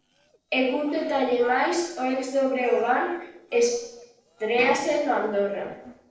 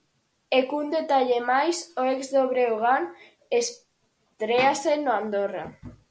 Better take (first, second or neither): second